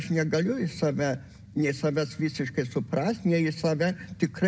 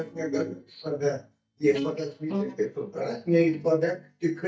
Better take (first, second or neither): first